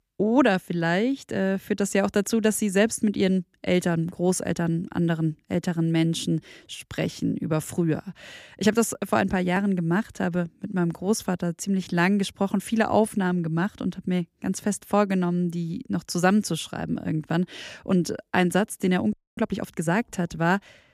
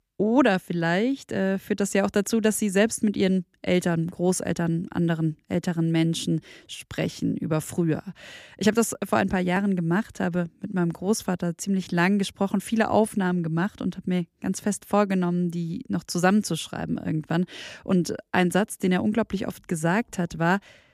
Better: second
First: audio freezing; at 19 s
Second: none

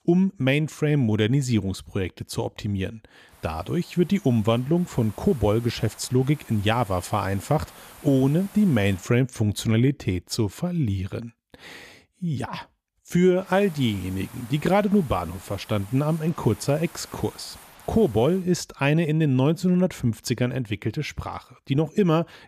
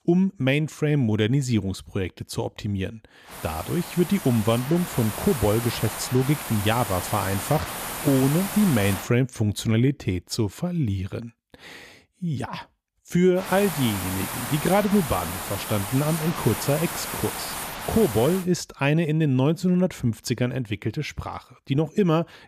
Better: first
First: hiss; faint; from 3.5 to 9 s and from 13 to 18 s; 20 dB below the speech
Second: hiss; loud; from 3.5 to 9 s and from 13 to 18 s; 7 dB below the speech

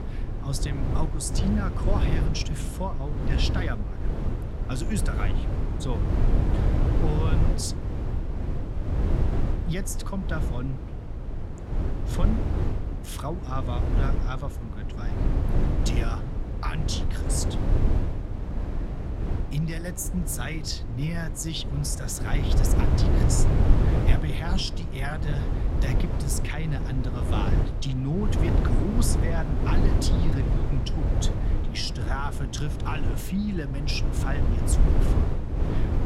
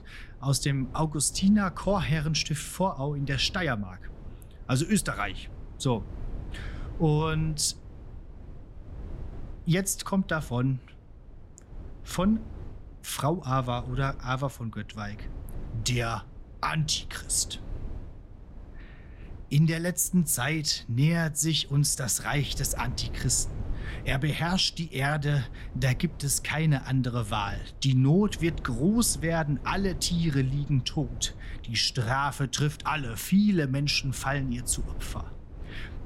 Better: second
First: wind noise on the microphone; heavy; 2 dB below the speech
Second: wind noise on the microphone; occasional gusts; 25 dB below the speech

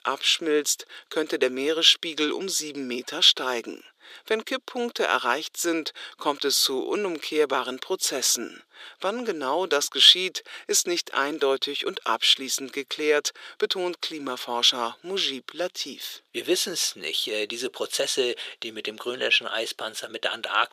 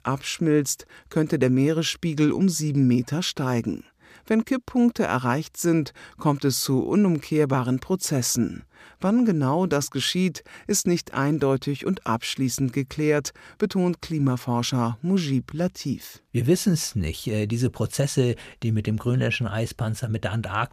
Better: second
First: thin; very; fading below 400 Hz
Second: none

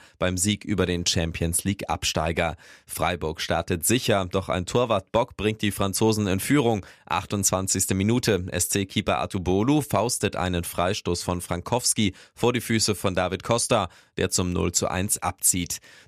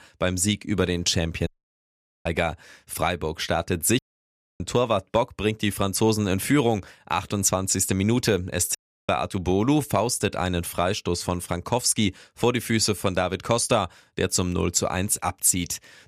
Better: first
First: none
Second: audio cutting out; at 1.5 s for 1 s, at 4 s for 0.5 s and at 9 s

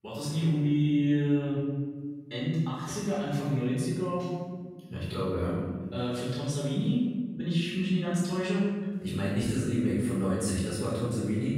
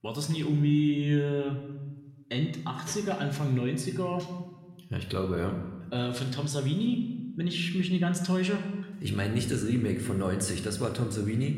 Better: second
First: room echo; strong; dies away in 1.4 s // off-mic speech; far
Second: room echo; slight; dies away in 0.9 s

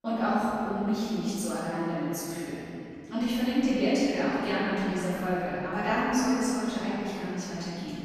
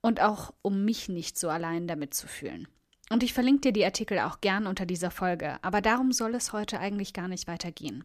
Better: second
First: off-mic speech; far // room echo; strong; dies away in 2.7 s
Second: none

